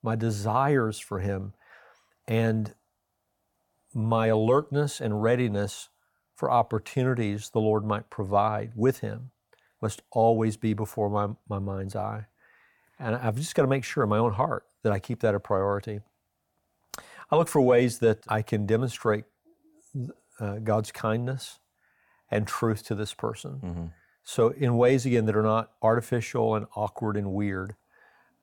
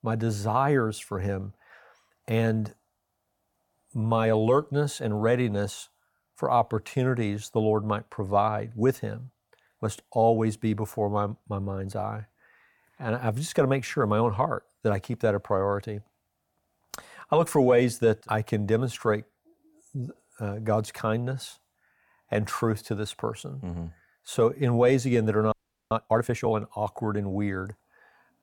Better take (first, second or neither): first